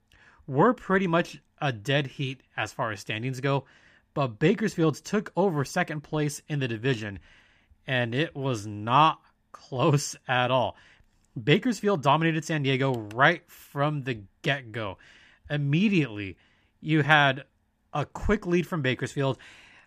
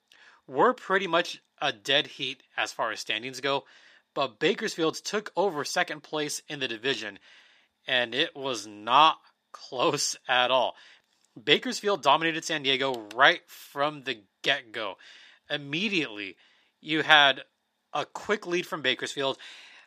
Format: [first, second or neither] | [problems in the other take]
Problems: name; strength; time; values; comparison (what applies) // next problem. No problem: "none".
first | thin; somewhat; fading below 400 Hz